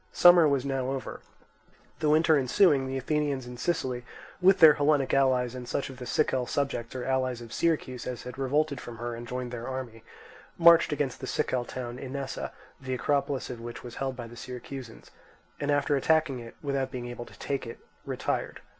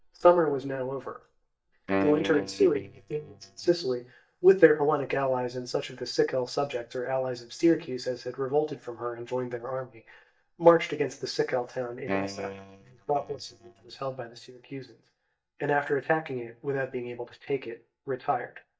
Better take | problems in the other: first | noise reduction (neural mask model DeepFilterNet 3)

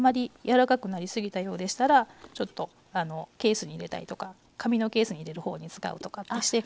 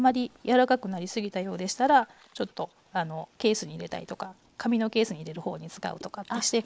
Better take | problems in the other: first | noise reduction (neural mask model Resemble Enhance denoiser)

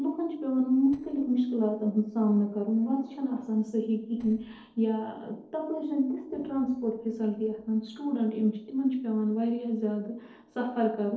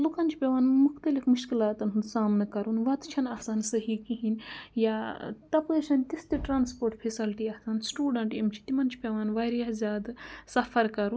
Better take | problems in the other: second | noise reduction (neural separator model SepFormer DNS4)

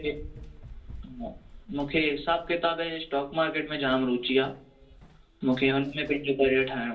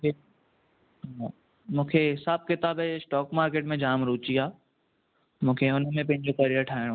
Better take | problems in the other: second | background sound (Run); 18 dB below the speech // room echo; dies away in 0.3 s

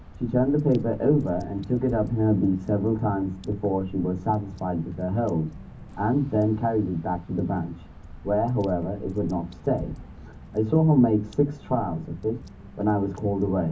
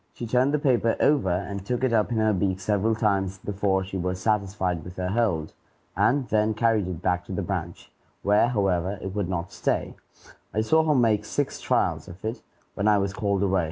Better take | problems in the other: second | background sound (Drip / Water); 16 dB below the speech // room echo; dies away in 0.4 s

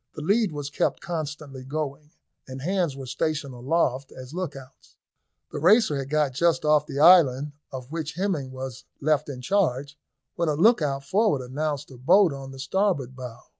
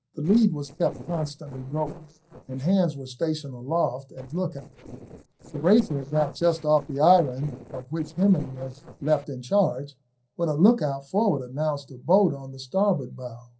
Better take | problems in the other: first | noise reduction (neural separator model SepFormer DNS4)

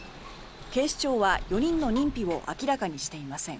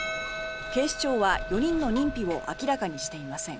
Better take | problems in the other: first | background sound (Percussion); 9 dB below the speech

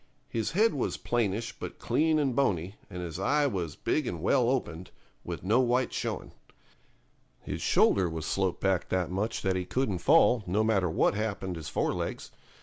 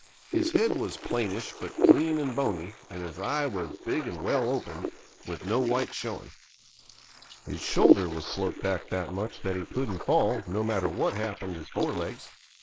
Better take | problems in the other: first | noise reduction (neural mask model Resemble Enhance denoiser)

